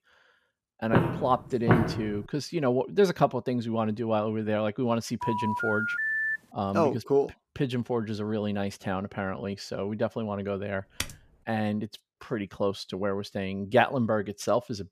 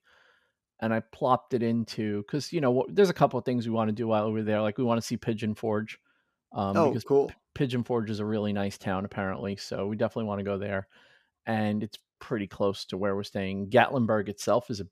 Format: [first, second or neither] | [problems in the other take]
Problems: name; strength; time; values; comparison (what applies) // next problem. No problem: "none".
second | footsteps; loud; from 1 to 2 s; peak 4 dB above the speech // phone ringing; loud; from 5 to 6.5 s; peak 3 dB above the speech // keyboard typing; noticeable; at 11 s; peak 7 dB below the speech